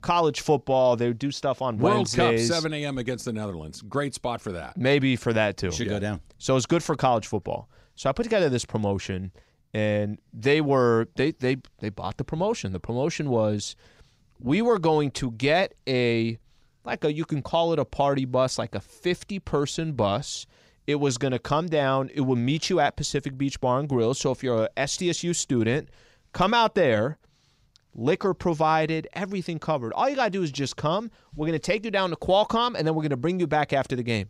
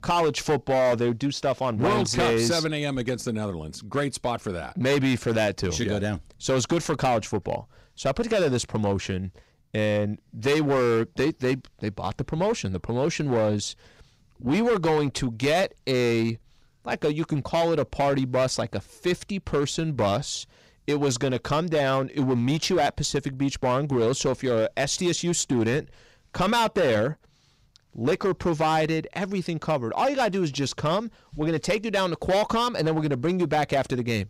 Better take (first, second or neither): first